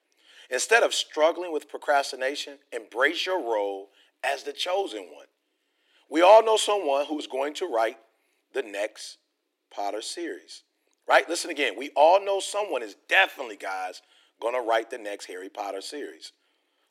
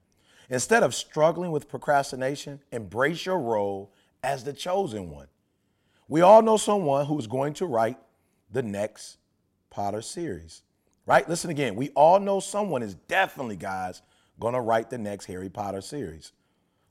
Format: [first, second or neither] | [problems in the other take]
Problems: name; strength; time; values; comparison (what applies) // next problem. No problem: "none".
second | thin; somewhat; fading below 300 Hz